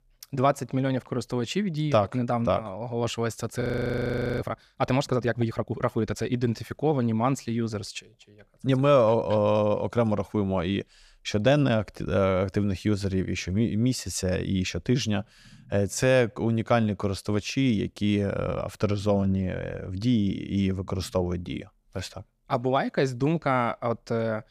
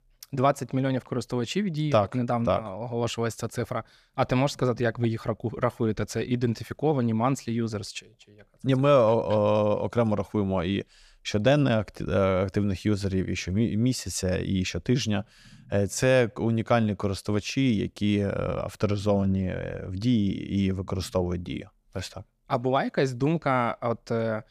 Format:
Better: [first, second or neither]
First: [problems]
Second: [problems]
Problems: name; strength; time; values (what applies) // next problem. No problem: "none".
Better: second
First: audio freezing; at 3.5 s for 1 s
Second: none